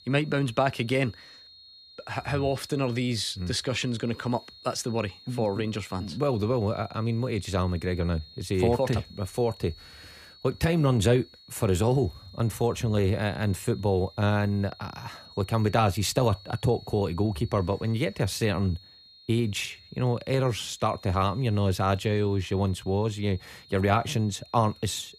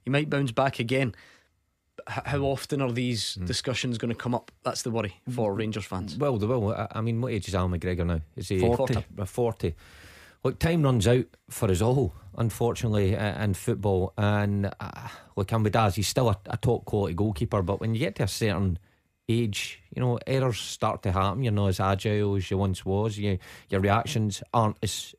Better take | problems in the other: second | high-pitched whine; faint; throughout; 4 kHz, 20 dB below the speech

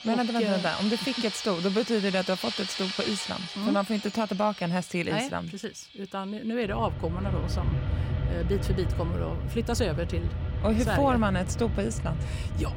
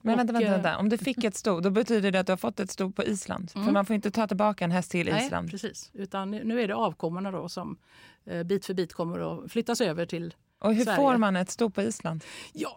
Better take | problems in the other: second | machinery noise; loud; throughout; 3 dB below the speech

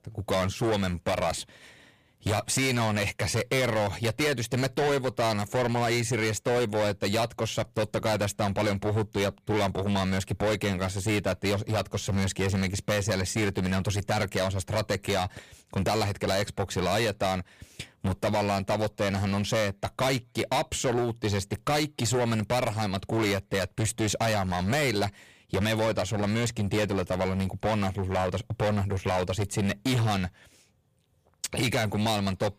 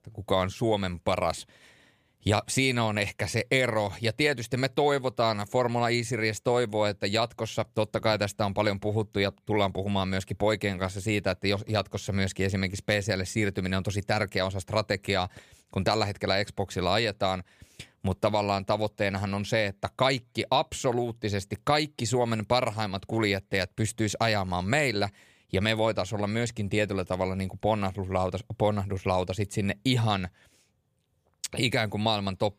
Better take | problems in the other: second | distortion; heavy; 18% of the sound clipped

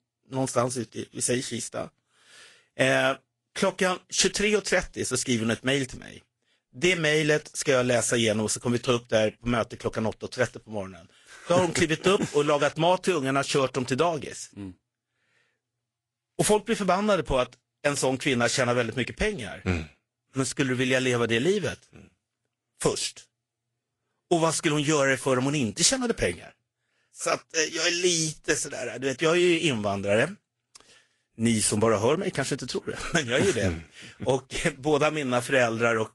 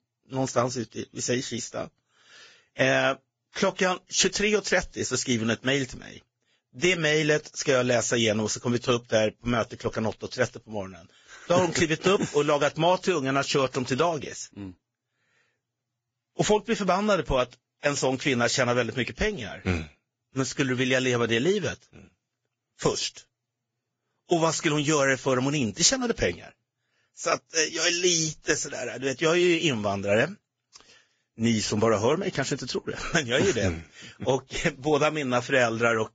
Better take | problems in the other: first | garbled, watery; badly; nothing above 7.5 kHz; slightly in the first

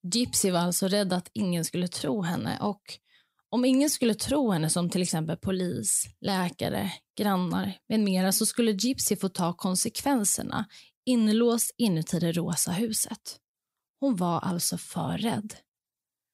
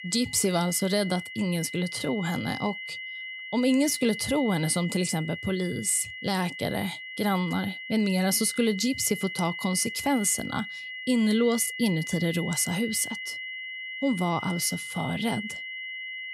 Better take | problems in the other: first | high-pitched whine; loud; throughout; 2 kHz, 9 dB below the speech

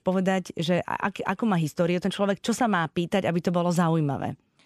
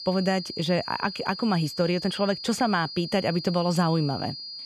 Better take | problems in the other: first | high-pitched whine; loud; throughout; 5 kHz, 9 dB below the speech

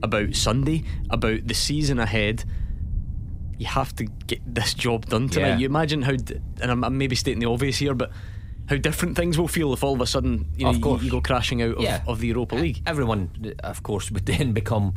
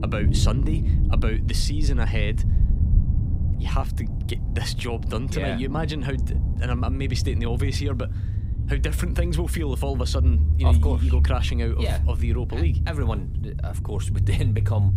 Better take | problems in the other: first | low rumble; loud; throughout; 8 dB below the speech; faint in the first

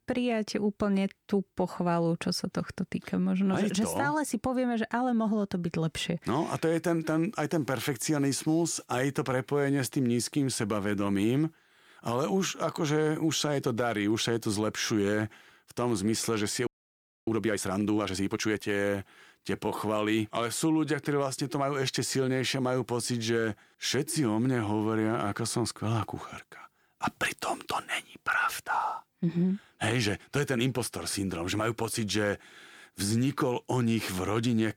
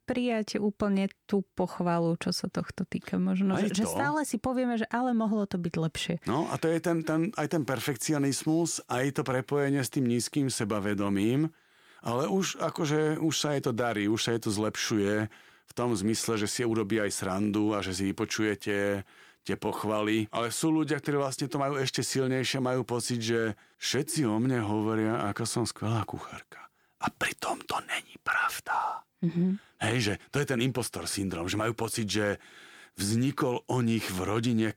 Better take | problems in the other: second | audio freezing; at 17 s for 0.5 s

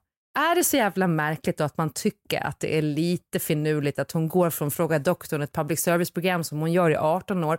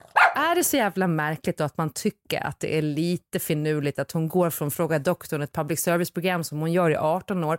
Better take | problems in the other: first | dog barking; loud; at the start; peak 6 dB above the speech

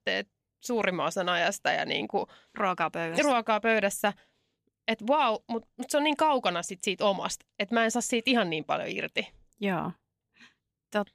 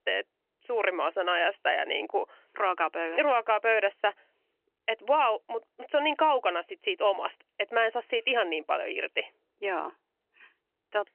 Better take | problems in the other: first | phone-call audio; nothing above 3 kHz

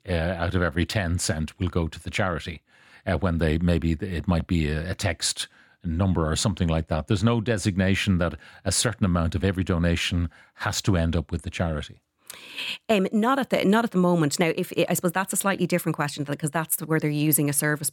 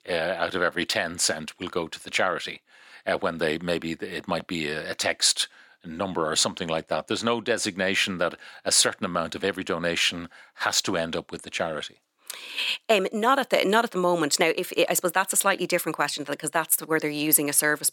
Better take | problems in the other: first | thin; somewhat; fading below 400 Hz

